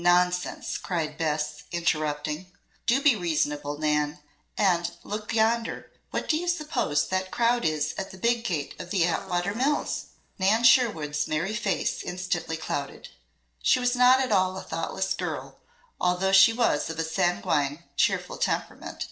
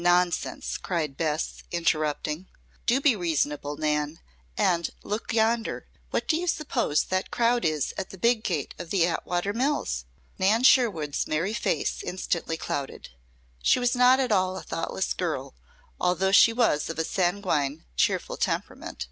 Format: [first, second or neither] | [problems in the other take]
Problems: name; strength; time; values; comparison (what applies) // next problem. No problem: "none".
second | noise reduction (neural separator model SepFormer DNS4)